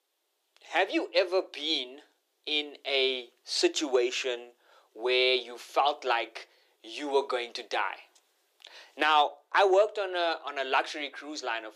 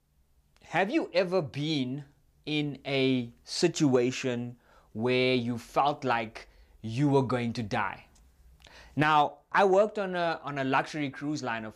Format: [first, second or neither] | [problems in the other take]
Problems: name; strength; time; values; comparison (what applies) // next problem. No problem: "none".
second | thin; very; fading below 350 Hz